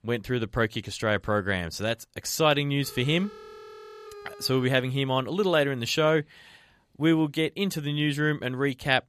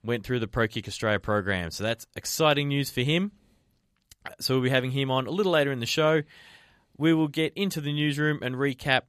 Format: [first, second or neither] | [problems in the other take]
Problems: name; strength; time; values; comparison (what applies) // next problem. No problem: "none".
second | phone ringing; faint; from 3 to 4.5 s; peak 20 dB below the speech